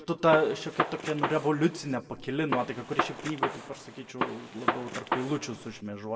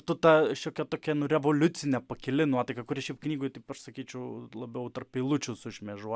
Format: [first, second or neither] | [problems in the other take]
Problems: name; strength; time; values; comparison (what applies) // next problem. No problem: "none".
second | background sound (Gunshot, gunfire); 3 dB below the speech // room echo; dies away in 1.1 s